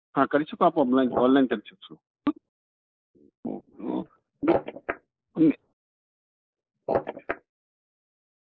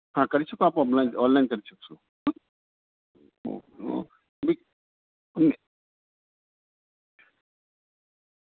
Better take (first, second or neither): second